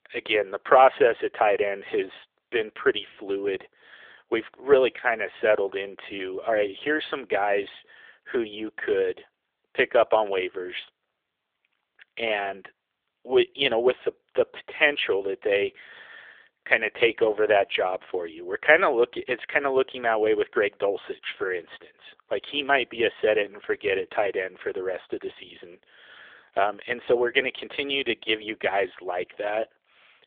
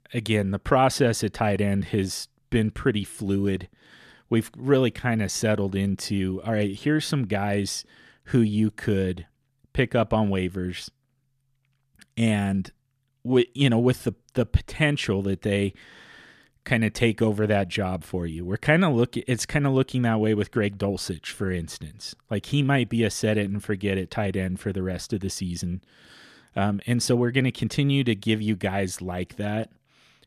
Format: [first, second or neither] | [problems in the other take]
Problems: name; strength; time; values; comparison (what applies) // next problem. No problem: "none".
second | phone-call audio; nothing above 3.5 kHz